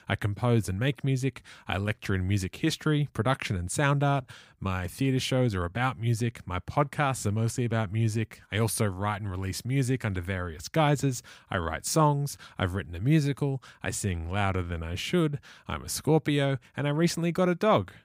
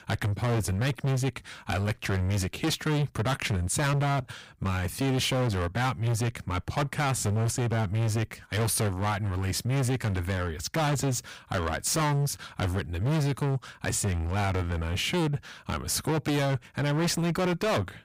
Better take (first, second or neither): first